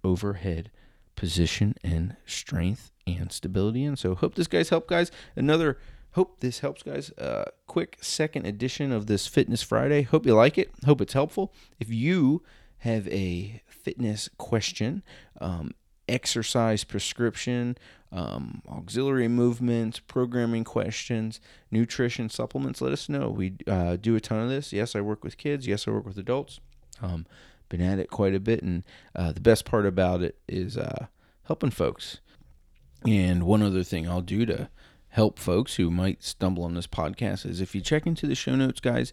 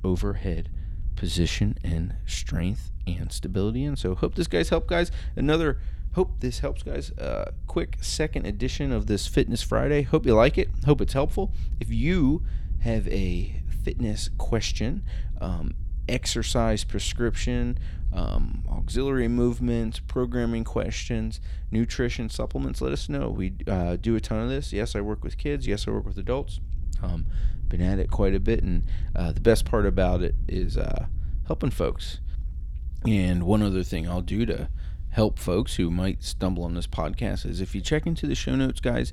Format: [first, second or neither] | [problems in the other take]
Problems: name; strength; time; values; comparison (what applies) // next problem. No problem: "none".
first | low rumble; faint; throughout; 25 dB below the speech